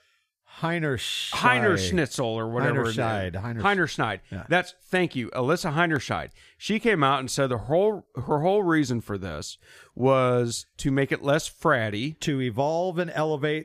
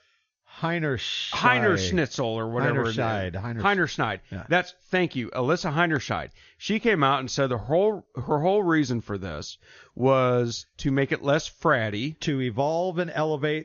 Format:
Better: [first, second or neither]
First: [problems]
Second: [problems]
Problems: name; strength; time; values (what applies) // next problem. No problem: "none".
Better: first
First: none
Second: garbled, watery; slightly; nothing above 6.5 kHz